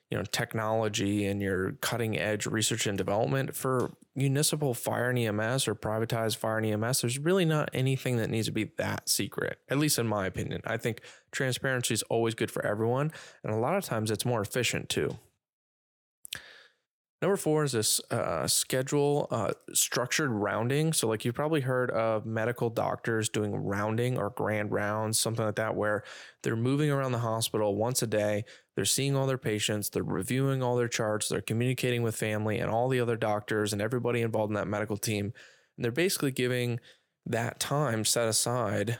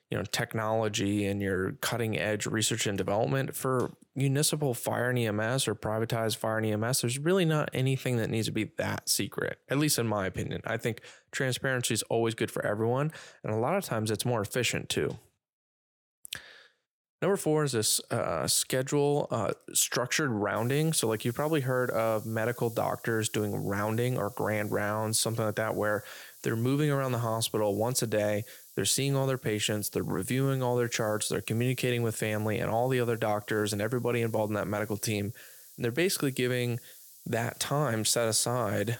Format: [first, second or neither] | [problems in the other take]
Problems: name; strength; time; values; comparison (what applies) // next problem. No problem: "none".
first | hiss; noticeable; from 21 s on; 20 dB below the speech